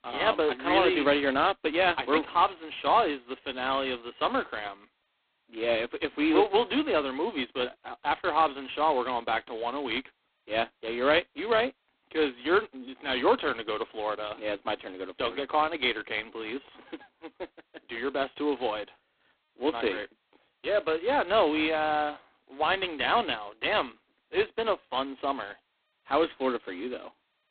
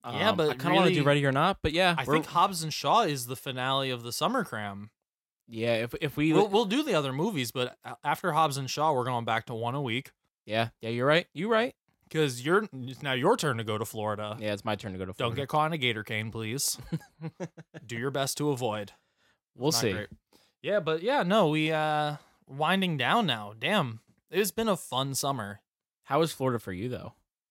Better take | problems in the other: second | phone-call audio; poor line; nothing above 3.5 kHz

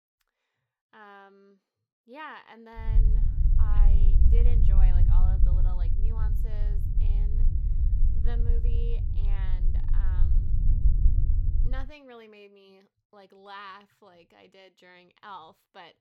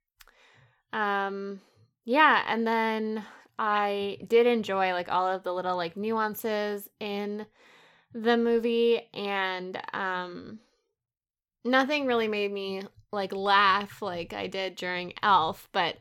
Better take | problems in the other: second | low rumble; loud; from 3 to 12 s; 1 dB below the speech

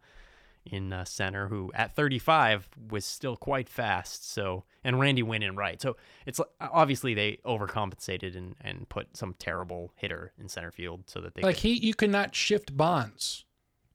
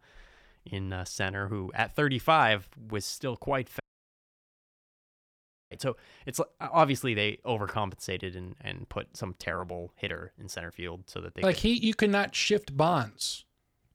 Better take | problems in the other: first | audio cutting out; at 4 s for 2 s

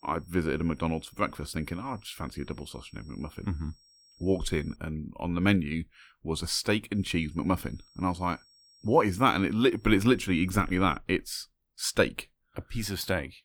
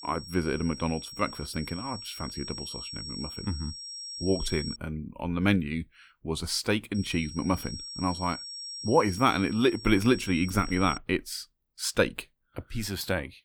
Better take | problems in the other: first | high-pitched whine; loud; until 5 s and from 7 to 11 s; 5.5 kHz, 10 dB below the speech; faint in the first

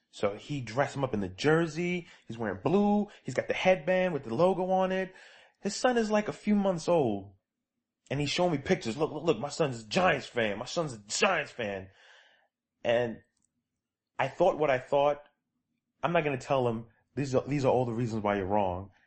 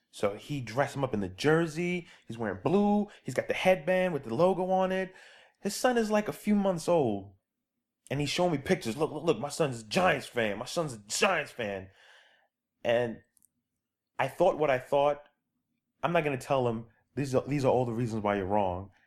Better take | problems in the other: second | garbled, watery; slightly; nothing above 8 kHz

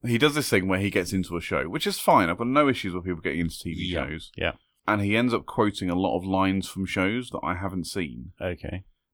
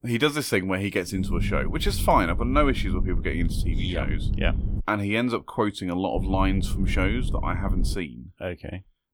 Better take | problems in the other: first | low rumble; noticeable; from 1 to 5 s and from 6 to 8 s; 15 dB below the speech

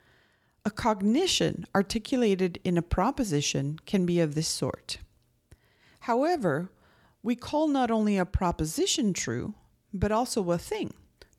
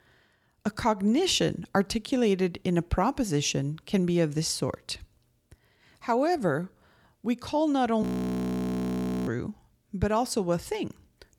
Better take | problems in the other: first | audio freezing; at 8 s for 1 s

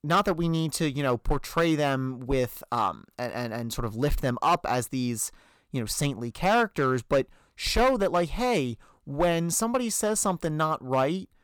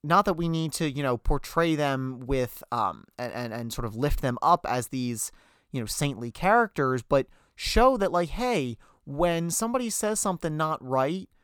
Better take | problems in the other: second | distortion; slight; 3% of the sound clipped

